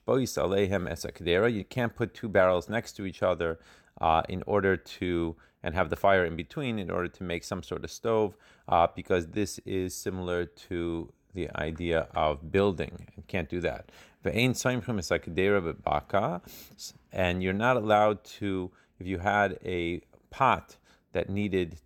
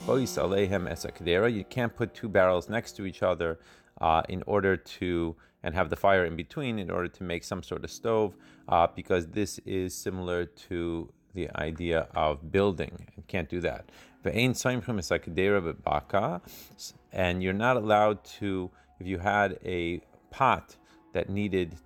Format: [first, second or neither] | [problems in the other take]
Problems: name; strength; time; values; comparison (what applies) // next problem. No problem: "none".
first | background music; faint; throughout; 25 dB below the speech